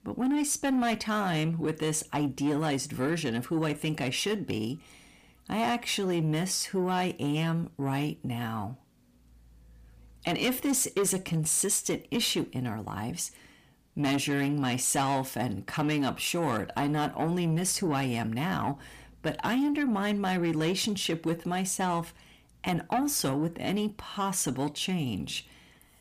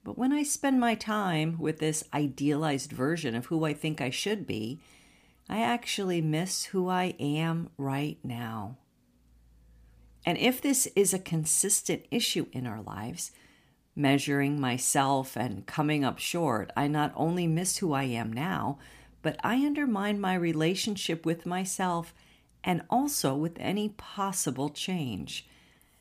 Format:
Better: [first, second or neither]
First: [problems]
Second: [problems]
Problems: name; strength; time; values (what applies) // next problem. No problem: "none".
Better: second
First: distortion; slight; 10 dB below the speech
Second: none